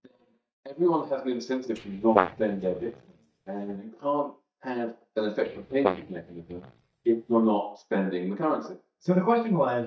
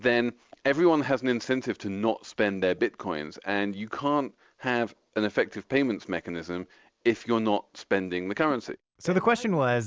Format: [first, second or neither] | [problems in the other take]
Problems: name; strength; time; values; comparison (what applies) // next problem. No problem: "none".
second | noise reduction (neural mask model DeepFilterNet 3)